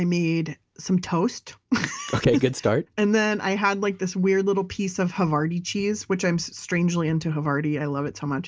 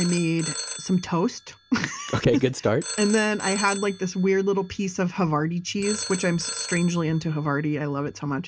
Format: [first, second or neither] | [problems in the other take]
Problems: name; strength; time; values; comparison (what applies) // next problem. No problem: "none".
first | background sound (Telephone); 11 dB below the speech